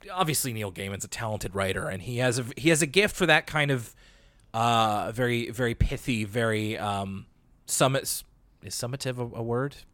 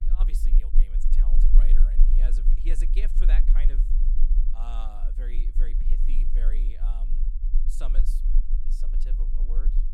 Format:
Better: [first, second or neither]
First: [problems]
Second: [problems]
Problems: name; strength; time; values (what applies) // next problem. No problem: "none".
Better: first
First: none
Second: low rumble; loud; throughout; 5 dB below the speech